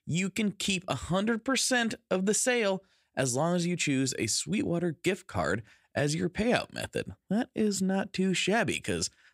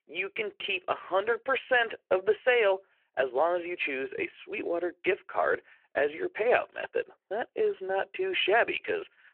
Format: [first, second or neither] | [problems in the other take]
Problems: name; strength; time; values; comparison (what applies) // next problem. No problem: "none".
first | phone-call audio